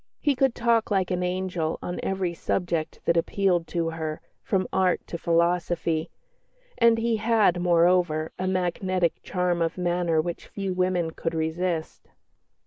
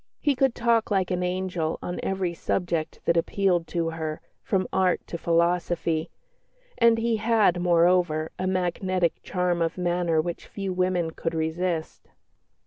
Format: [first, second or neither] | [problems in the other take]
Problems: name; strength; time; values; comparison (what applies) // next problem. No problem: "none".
second | noise reduction (neural mask model Resemble Enhance denoiser)